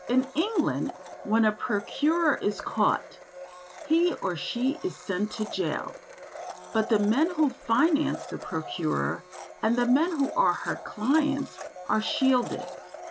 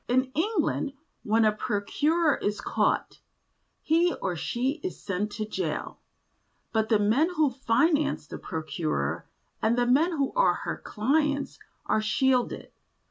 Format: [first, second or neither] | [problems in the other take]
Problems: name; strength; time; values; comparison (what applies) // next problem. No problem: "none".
second | background sound (Domestic sounds, home sounds); 14 dB below the speech